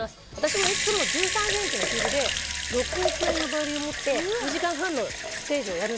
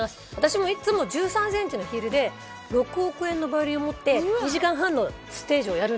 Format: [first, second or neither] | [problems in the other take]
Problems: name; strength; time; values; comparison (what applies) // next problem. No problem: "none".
second | background sound (Sink (filling or washing) / Water tap, faucet / Liquid); as loud as the speech